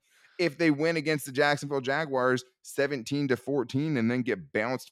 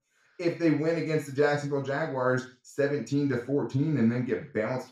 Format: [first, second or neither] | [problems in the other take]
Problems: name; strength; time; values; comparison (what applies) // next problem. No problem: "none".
first | room echo; slight; dies away in 0.4 s // off-mic speech; far